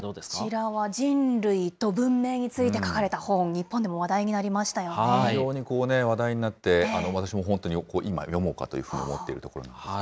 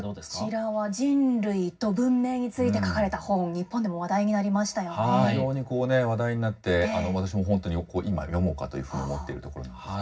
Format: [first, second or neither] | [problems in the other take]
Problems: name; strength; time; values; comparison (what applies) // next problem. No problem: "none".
first | room echo; dies away in 0.4 s